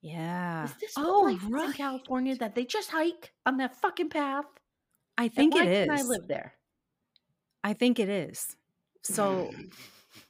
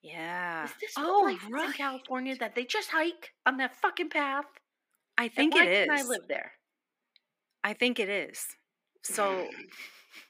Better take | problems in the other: first | thin; very slightly; fading below 300 Hz

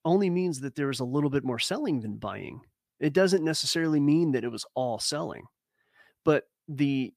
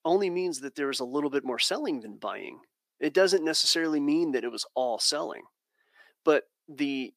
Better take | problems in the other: first | thin; very slightly; fading below 300 Hz

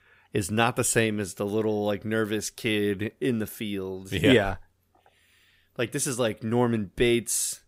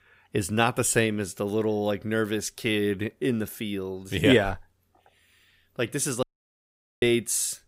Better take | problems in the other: first | audio cutting out; at 6 s for 1 s

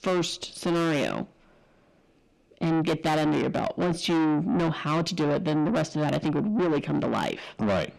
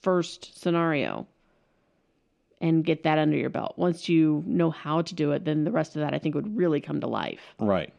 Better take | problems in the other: second | distortion; heavy; 6 dB below the speech

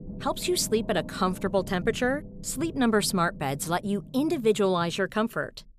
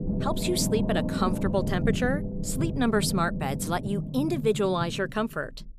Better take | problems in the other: first | low rumble; loud; throughout; 8 dB below the speech; faint in the first

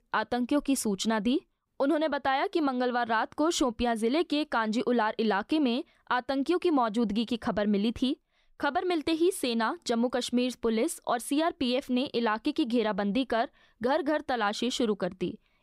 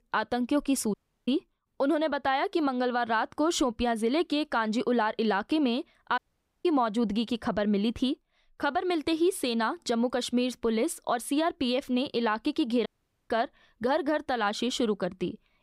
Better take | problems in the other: first | audio cutting out; at 1 s, at 6 s and at 13 s

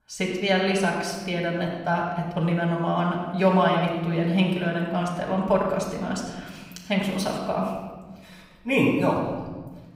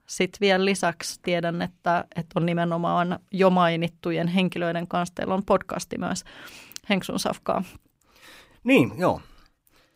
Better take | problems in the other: second | off-mic speech; far // room echo; noticeable; dies away in 1.3 s

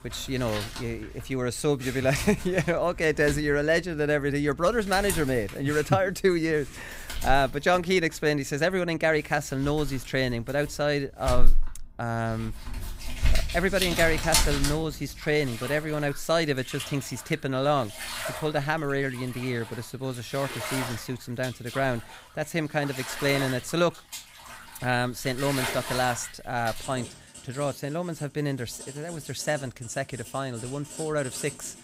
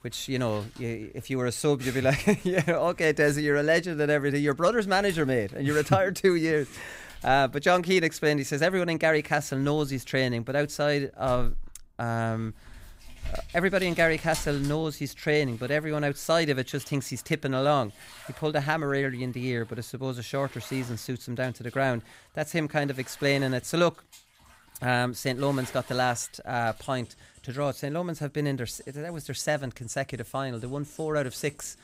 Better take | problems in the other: second | household noises; loud; throughout; 7 dB below the speech; faint in the second

